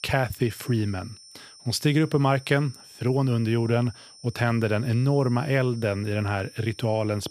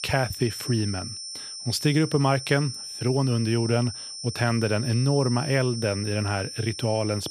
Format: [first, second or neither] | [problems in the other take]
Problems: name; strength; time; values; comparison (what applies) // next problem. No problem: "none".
first | high-pitched whine; loud; throughout; 5.5 kHz, 8 dB below the speech; faint in the first